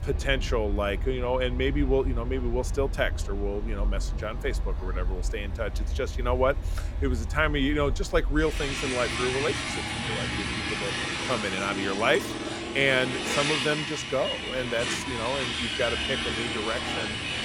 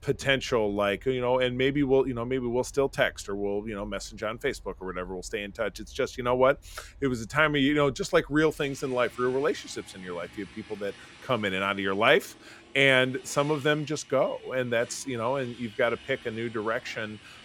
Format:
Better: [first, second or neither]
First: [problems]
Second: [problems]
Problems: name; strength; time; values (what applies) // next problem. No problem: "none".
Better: second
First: traffic noise; loud; throughout; 1 dB below the speech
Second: traffic noise; faint; throughout; 25 dB below the speech